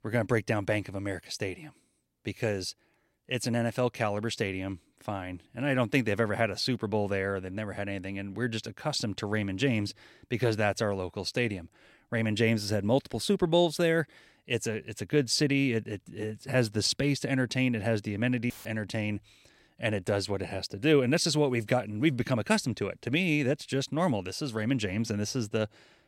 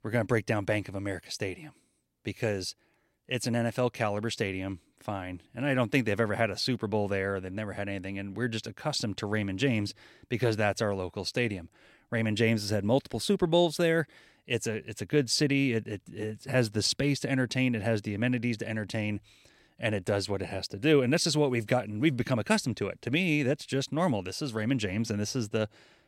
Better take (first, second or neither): second